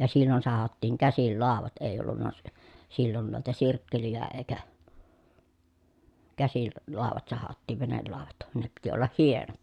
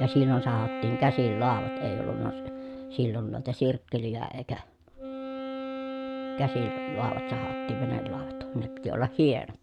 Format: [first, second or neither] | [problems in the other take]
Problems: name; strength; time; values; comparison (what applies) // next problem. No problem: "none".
first | background sound (Wind instrument, woodwind instrument); 7 dB below the speech